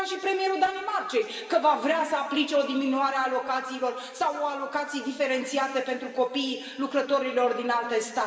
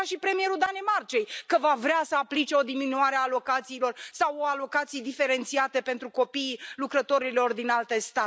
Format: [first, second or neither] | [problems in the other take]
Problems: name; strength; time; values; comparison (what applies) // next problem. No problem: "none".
second | room echo; dies away in 2.8 s